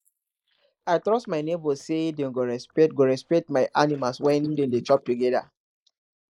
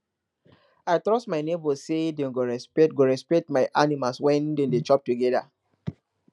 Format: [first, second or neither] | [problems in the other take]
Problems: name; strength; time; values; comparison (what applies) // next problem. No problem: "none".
second | noise reduction (neural mask model Resemble Enhance denoiser)